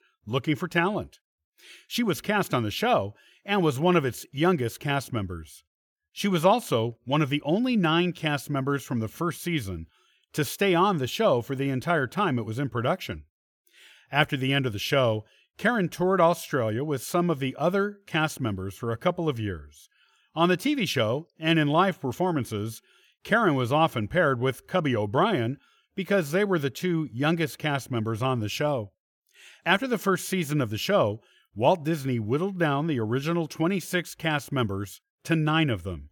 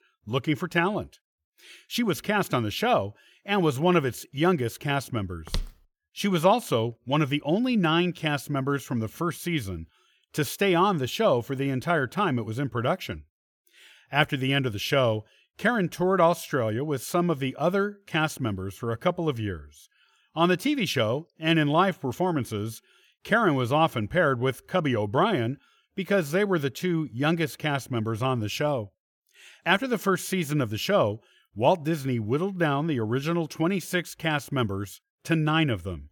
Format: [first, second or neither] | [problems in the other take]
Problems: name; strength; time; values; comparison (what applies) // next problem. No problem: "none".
first | footsteps; noticeable; at 5.5 s; peak 9 dB below the speech